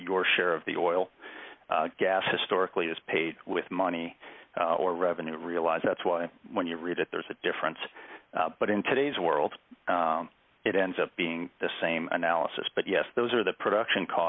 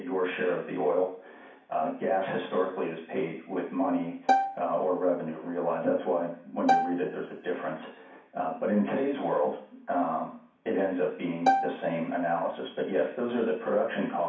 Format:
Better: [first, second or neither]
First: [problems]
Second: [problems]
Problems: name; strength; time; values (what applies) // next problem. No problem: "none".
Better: first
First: none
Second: background sound (Bowed string instrument); 1 dB above the speech // room echo; dies away in 0.6 s